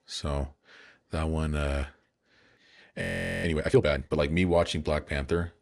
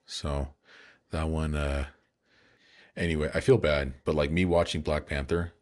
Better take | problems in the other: second | audio freezing; at 3 s

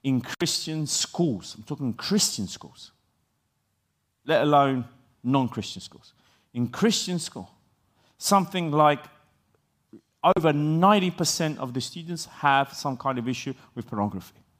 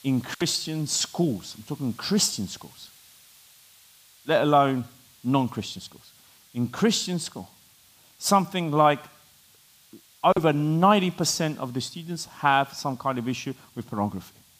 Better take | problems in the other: first | hiss; faint; throughout; 25 dB below the speech

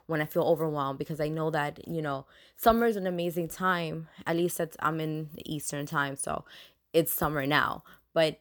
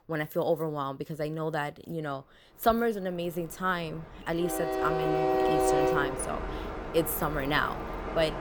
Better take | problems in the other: first | train or aircraft noise; very loud; throughout; 1 dB above the speech

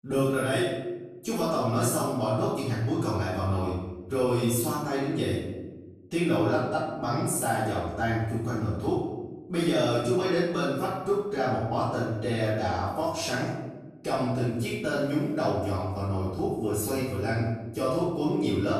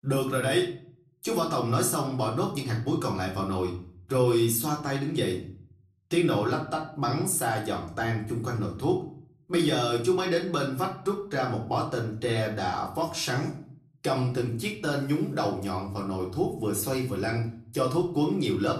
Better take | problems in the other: second | room echo; strong; dies away in 1.1 s; slight in the second // off-mic speech; far; somewhat distant in the second

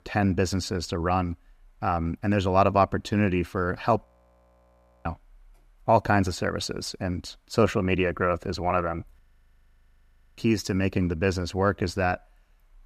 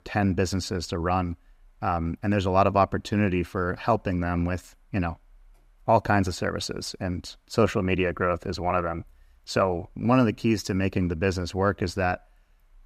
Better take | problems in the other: second | audio freezing; at 4 s for 1 s and at 9 s for 1 s

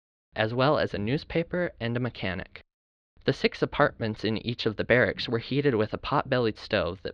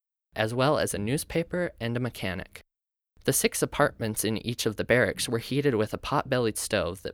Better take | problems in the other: second | muffled; very slightly; fading above 4 kHz

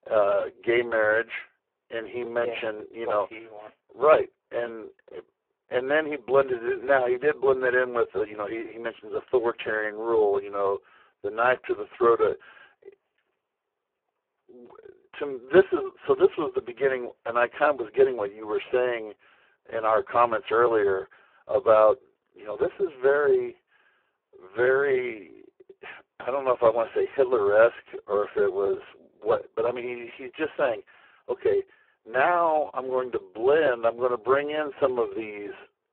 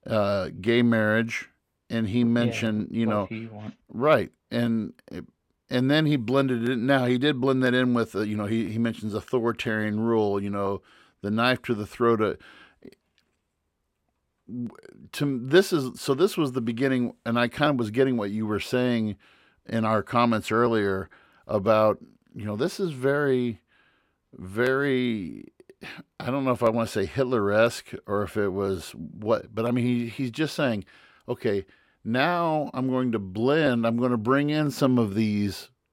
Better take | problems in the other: second | phone-call audio; poor line

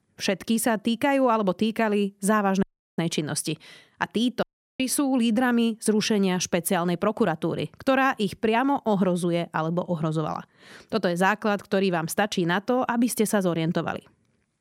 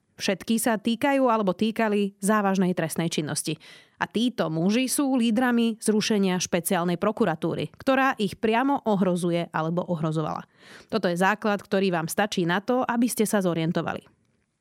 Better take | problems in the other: second | audio cutting out; at 2.5 s and at 4.5 s

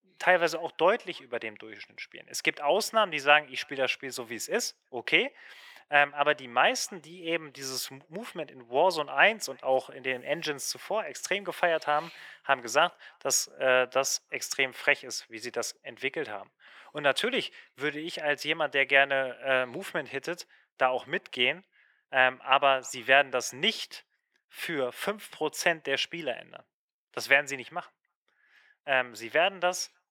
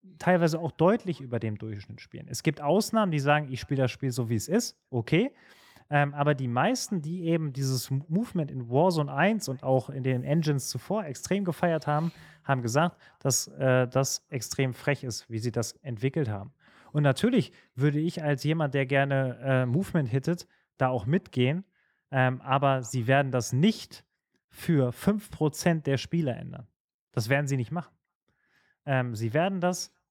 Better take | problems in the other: second | thin; very; fading below 550 Hz

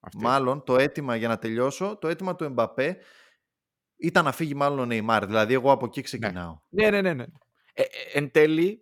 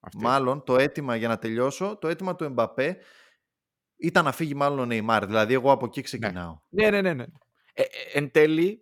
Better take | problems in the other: neither | none

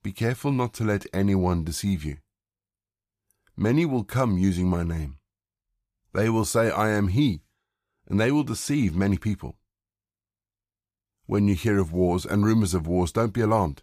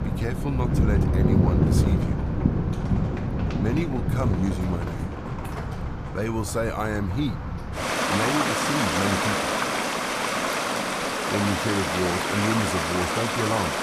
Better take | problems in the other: first | rain or running water; very loud; throughout; 3 dB above the speech

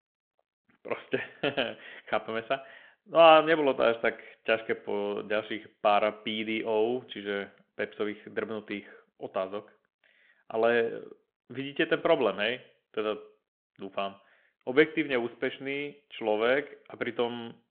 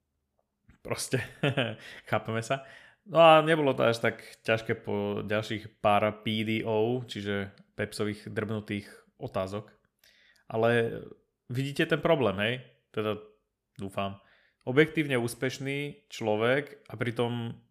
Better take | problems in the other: second | phone-call audio

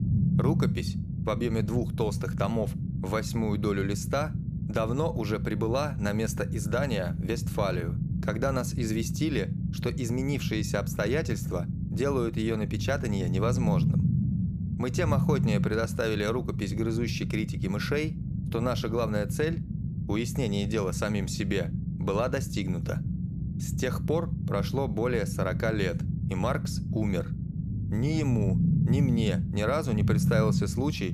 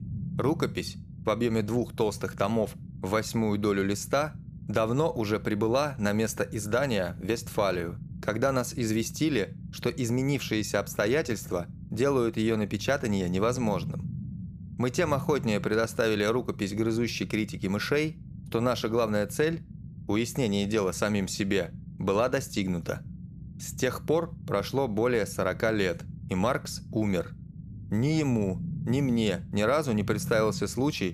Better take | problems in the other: second | low rumble; loud; throughout; 9 dB below the speech; faint in the second

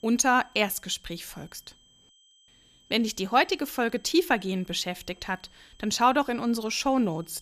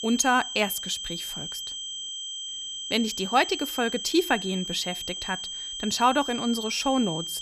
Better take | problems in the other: first | high-pitched whine; loud; throughout; 3 kHz, 6 dB below the speech; faint in the first

